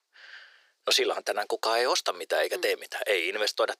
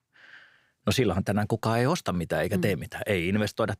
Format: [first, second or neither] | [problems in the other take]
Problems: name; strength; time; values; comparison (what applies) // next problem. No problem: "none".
second | thin; very; fading below 400 Hz